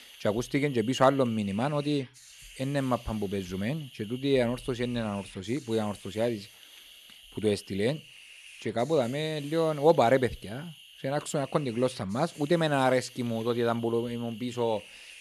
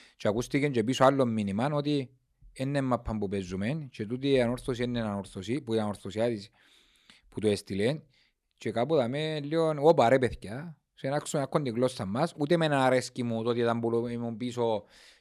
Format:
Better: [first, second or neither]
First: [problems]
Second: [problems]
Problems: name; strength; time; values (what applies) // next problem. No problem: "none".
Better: second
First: hiss; noticeable; throughout; 20 dB below the speech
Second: none